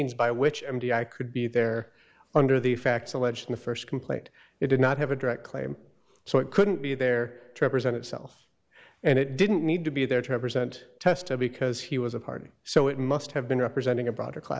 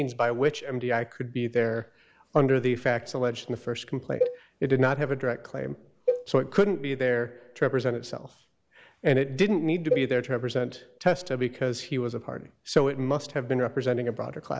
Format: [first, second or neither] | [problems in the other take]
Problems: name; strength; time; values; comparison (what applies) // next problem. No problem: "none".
first | background sound (Cowbell); 7 dB below the speech